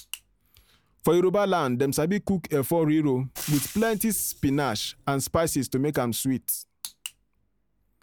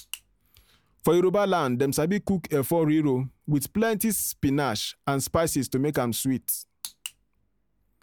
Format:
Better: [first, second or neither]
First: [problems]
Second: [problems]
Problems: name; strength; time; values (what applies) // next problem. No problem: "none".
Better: second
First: background sound (Frying (food)); 14 dB below the speech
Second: none